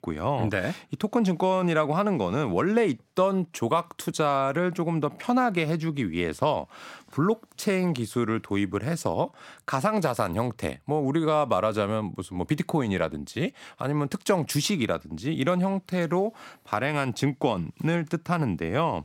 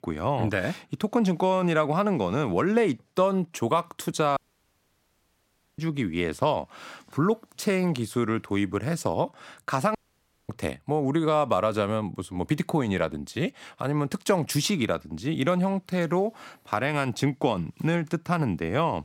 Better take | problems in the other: first | audio cutting out; at 4.5 s for 1.5 s and at 10 s for 0.5 s

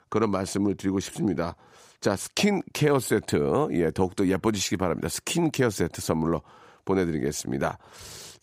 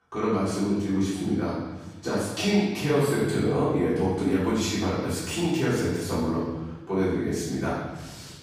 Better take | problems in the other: first | off-mic speech; far // room echo; strong; dies away in 1.3 s

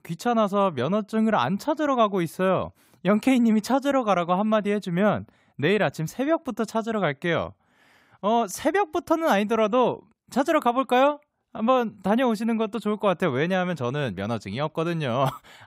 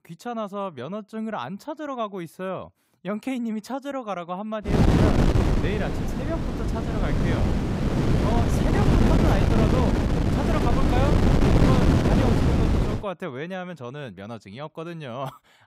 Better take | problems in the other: first | wind noise on the microphone; heavy; from 4.5 to 13 s; 4 dB above the speech

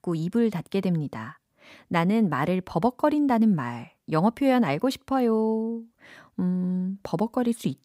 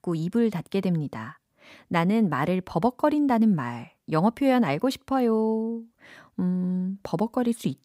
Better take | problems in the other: neither | none

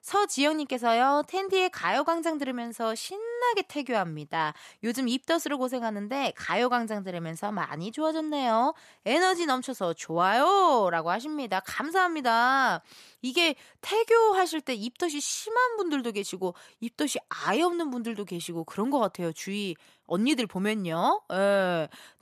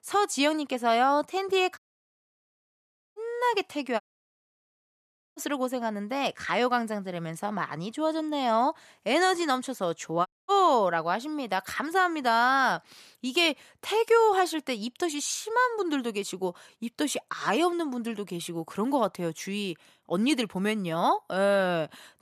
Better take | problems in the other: first | audio cutting out; at 2 s for 1.5 s, at 4 s for 1.5 s and at 10 s

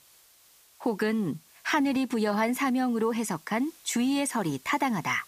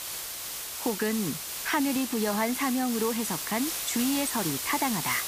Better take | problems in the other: first | hiss; loud; throughout; 2 dB below the speech; faint in the first

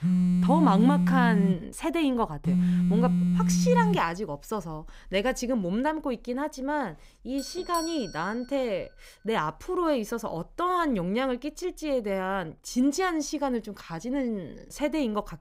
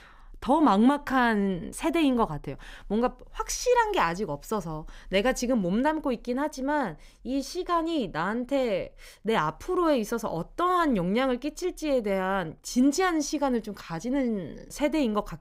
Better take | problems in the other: second | phone ringing; loud; until 4 s; peak 5 dB above the speech // doorbell; noticeable; from 7.5 to 8.5 s; peak 9 dB below the speech

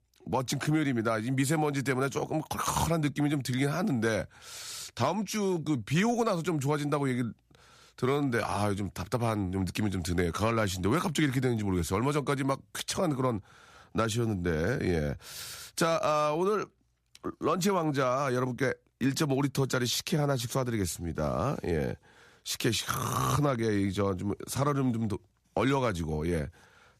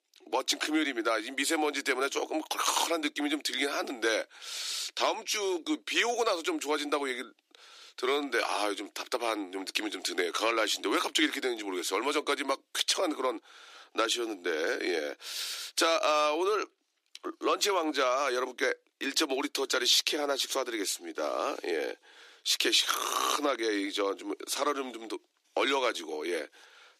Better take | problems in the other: first | thin; somewhat; fading below 300 Hz

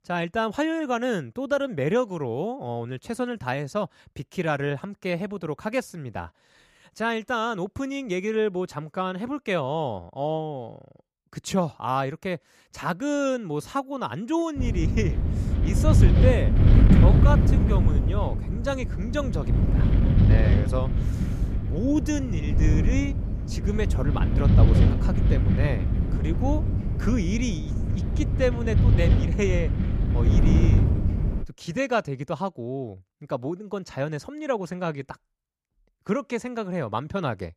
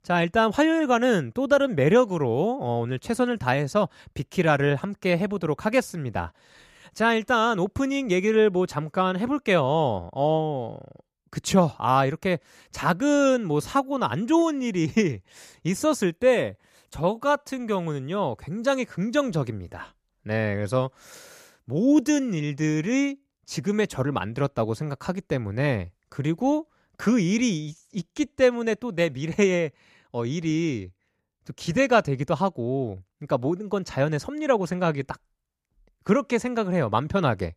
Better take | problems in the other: second | wind noise on the microphone; heavy; from 15 to 31 s; 4 dB below the speech

